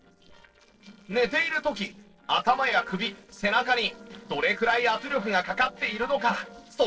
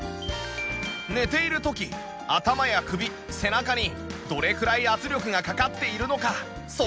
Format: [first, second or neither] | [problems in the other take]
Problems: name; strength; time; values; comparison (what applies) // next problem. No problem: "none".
second | noise reduction (neural separator model SepFormer DNS4)